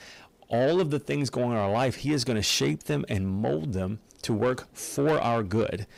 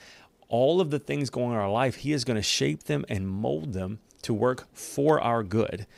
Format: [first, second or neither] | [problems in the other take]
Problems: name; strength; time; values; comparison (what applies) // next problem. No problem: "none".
second | distortion; slight; 10 dB below the speech